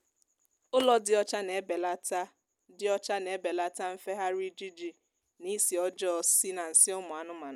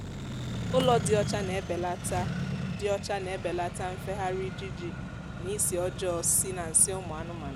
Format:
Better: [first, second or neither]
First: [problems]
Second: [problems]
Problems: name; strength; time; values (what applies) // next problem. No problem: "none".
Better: first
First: none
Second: background sound (Accelerating, revving, vroom); 4 dB below the speech